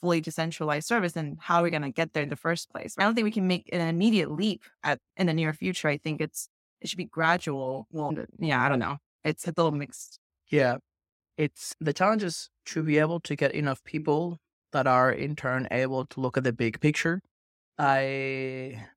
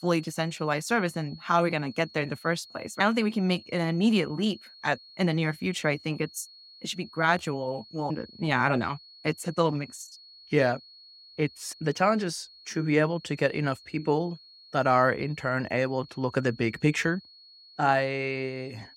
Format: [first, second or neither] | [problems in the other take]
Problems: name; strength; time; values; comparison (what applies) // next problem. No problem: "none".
first | high-pitched whine; faint; throughout; 4.5 kHz, 20 dB below the speech